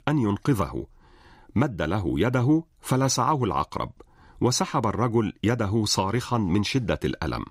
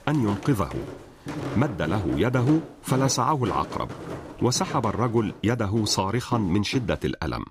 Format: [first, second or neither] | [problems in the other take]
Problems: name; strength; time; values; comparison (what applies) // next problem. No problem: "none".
first | footsteps; noticeable; until 7 s; peak 8 dB below the speech